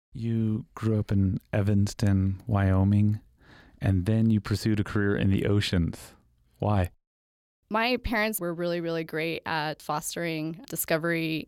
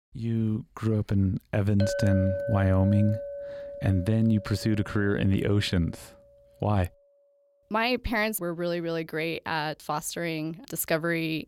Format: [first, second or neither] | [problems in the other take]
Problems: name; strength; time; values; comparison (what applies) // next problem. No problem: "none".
first | clattering dishes; noticeable; from 2 to 5 s; peak 3 dB below the speech